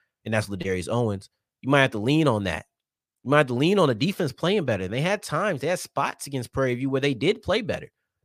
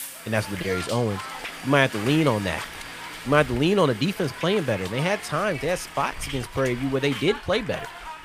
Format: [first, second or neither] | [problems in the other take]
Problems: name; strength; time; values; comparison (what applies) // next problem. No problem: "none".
first | hiss; noticeable; throughout; 10 dB below the speech